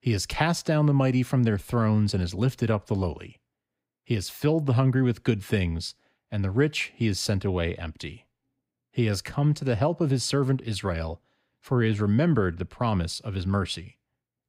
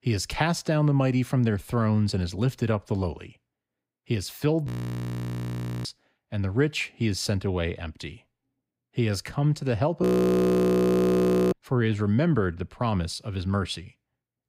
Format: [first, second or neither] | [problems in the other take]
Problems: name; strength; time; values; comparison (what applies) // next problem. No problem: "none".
first | audio freezing; at 4.5 s for 1 s and at 10 s for 1.5 s